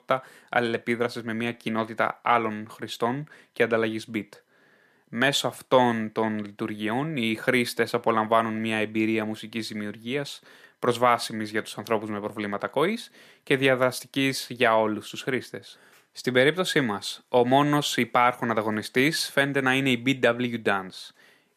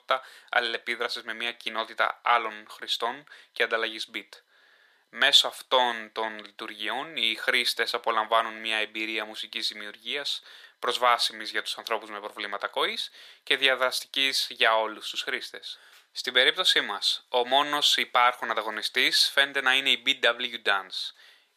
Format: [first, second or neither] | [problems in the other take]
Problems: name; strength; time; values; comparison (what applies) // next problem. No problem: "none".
first | thin; very; fading below 650 Hz